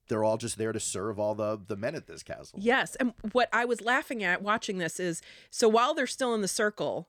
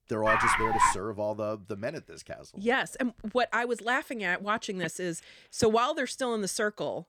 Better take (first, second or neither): first